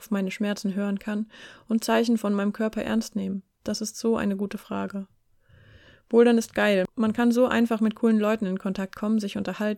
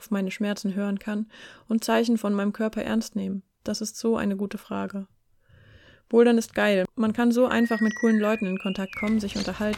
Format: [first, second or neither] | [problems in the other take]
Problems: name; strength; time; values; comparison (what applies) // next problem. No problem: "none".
first | animal sounds; loud; from 7.5 s on; 10 dB below the speech